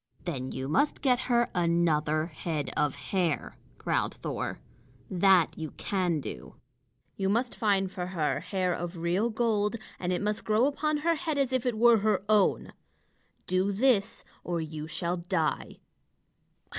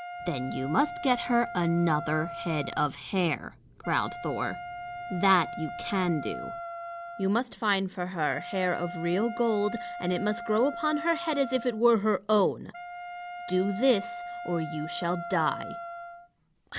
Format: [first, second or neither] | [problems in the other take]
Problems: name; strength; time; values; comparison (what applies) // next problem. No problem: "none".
first | background sound (Wind instrument, woodwind instrument); 10 dB below the speech